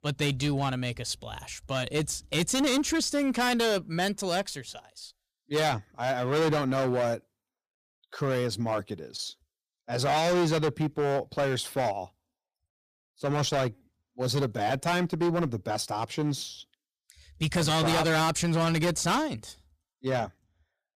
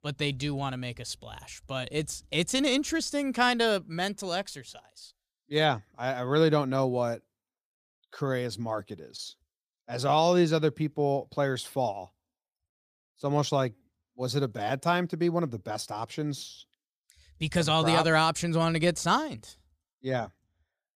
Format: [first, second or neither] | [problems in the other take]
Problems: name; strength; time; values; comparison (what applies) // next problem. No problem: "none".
second | distortion; heavy; 11% of the sound clipped